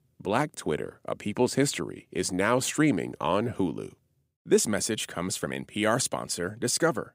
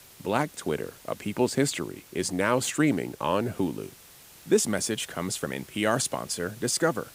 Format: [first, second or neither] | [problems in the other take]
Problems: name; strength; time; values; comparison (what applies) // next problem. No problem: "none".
first | hiss; faint; throughout; 20 dB below the speech